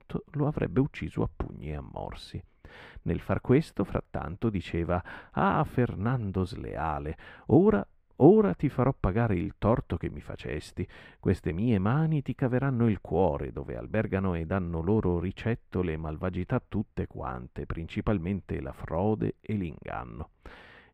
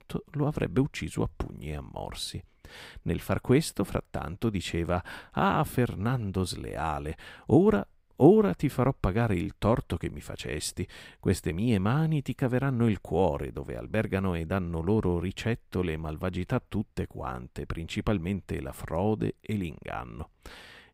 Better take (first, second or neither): second